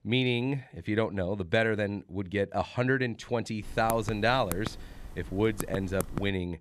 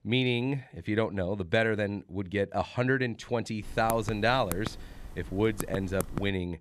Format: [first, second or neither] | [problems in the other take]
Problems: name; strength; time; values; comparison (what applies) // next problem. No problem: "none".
neither | keyboard typing; noticeable; from 3.5 s on; peak 8 dB below the speech; the same in both